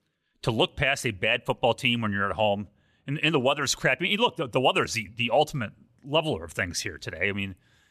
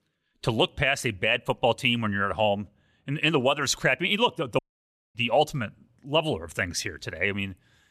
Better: first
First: none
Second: audio cutting out; at 4.5 s for 0.5 s

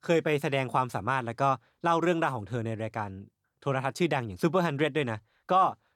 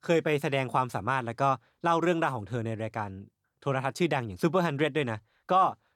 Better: neither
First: none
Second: none

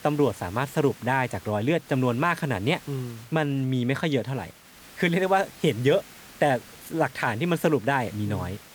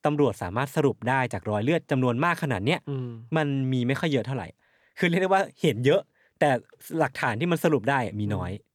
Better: second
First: hiss; faint; throughout; 20 dB below the speech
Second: none

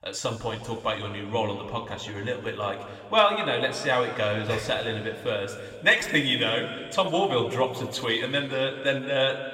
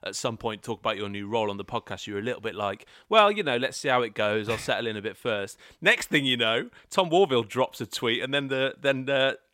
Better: second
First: room echo; slight; dies away in 2 s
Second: none

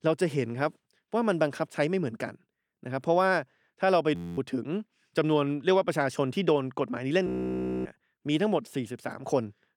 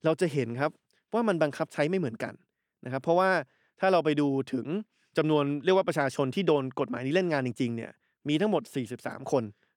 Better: second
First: audio freezing; at 4 s and at 7.5 s for 0.5 s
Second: none

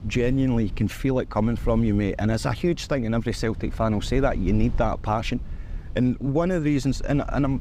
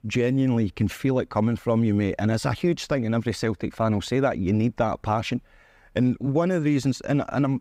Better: second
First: low rumble; faint; throughout; 25 dB below the speech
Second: none

